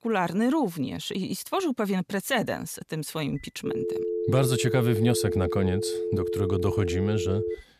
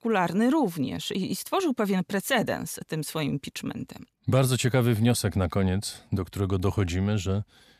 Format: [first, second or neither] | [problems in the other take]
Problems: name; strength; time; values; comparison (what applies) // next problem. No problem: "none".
second | phone ringing; noticeable; from 3.5 s on; peak 1 dB below the speech